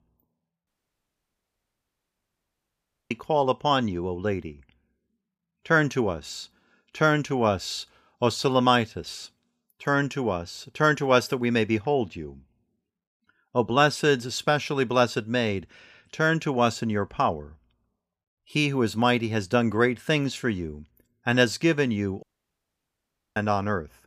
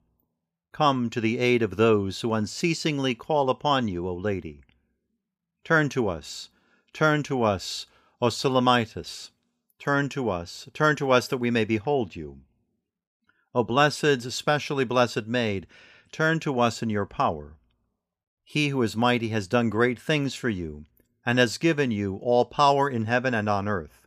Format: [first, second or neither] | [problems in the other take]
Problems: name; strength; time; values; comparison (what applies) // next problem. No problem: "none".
second | audio cutting out; at 0.5 s for 2.5 s and at 22 s for 1 s